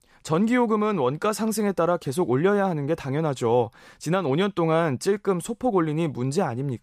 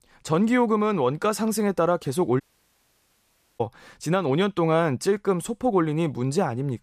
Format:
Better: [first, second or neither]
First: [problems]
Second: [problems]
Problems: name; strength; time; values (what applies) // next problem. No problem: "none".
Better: first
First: none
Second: audio cutting out; at 2.5 s for 1 s